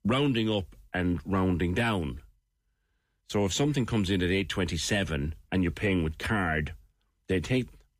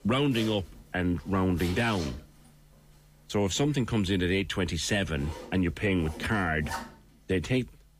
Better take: first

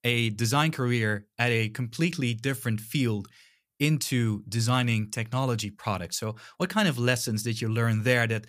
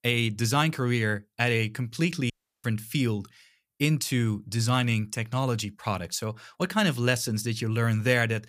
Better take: first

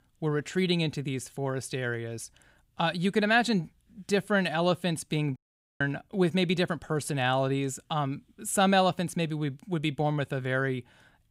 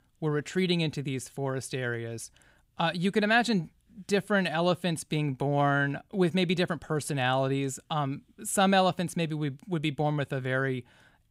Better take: second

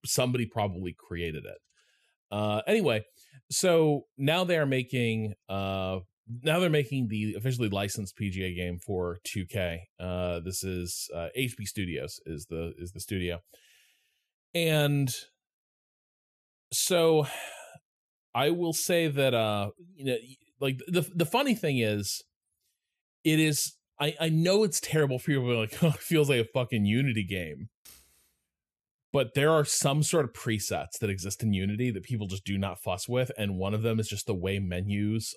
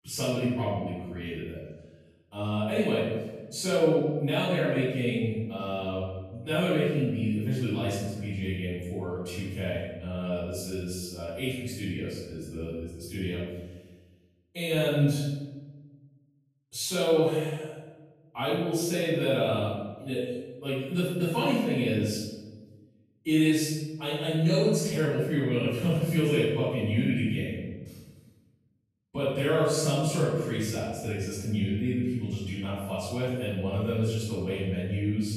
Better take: first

